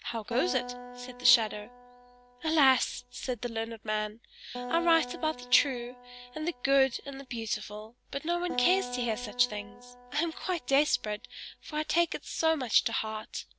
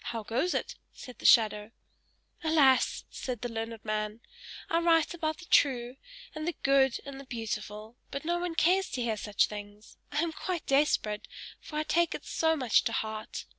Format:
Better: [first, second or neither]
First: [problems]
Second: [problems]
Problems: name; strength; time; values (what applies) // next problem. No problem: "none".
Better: second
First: background sound (Acoustic guitar); 14 dB below the speech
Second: none